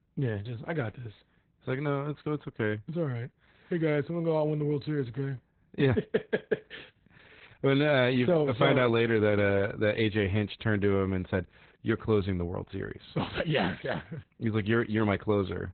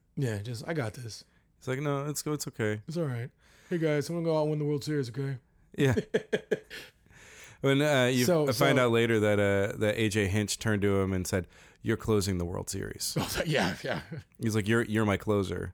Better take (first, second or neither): second